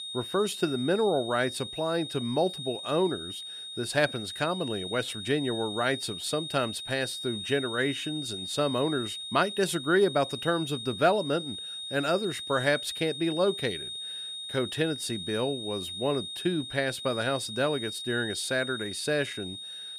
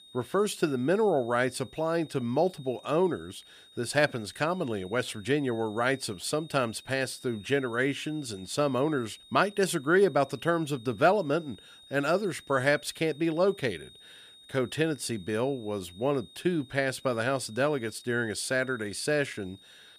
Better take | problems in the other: second | high-pitched whine; loud; throughout; 3.5 kHz, 7 dB below the speech; faint in the second

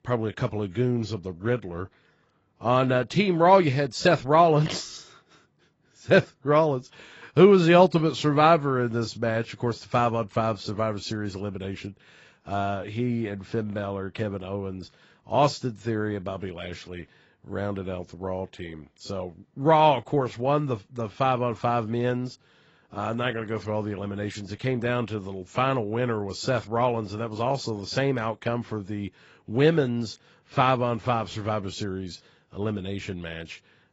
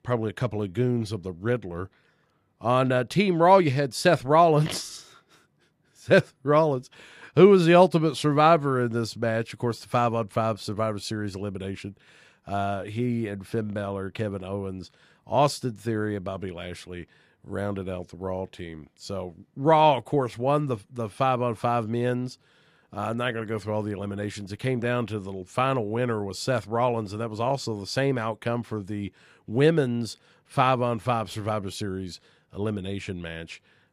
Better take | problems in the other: second | garbled, watery; badly; nothing above 7.5 kHz

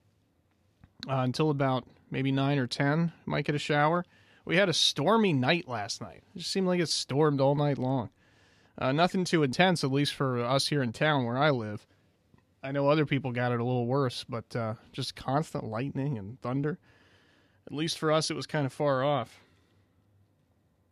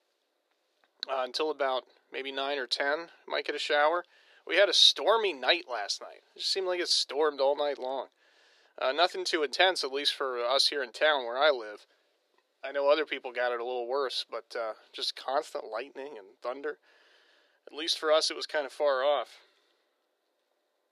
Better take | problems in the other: first | thin; very; fading below 350 Hz

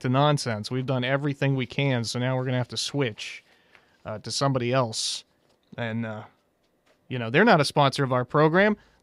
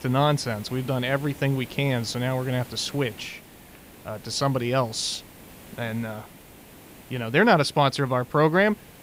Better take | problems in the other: first | hiss; faint; throughout; 20 dB below the speech

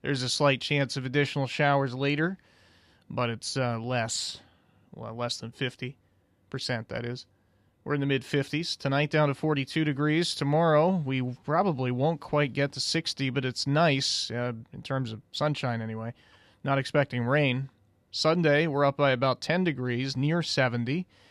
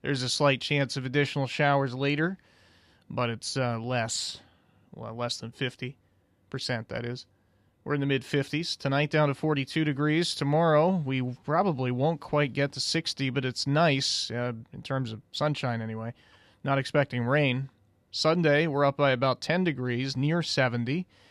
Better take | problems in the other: neither | none

